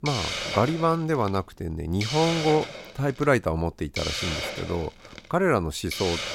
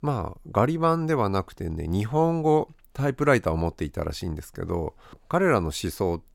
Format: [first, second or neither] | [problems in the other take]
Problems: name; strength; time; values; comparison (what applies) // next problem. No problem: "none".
second | hiss; loud; throughout; 5 dB below the speech